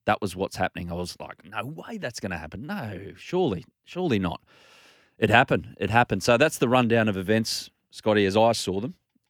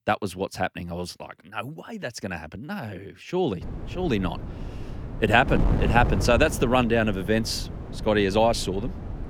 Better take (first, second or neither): first